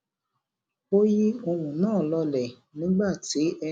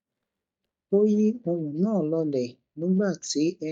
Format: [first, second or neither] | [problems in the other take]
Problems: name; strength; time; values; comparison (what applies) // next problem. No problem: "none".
first | noise reduction (neural mask model DeepFilterNet 3)